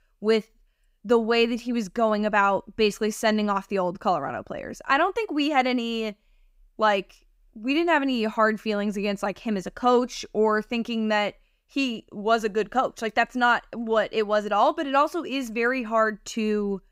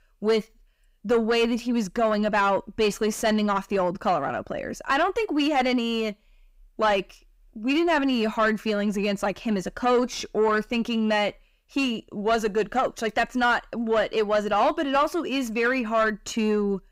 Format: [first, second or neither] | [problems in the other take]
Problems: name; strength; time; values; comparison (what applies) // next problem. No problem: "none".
first | distortion; slight; 10 dB below the speech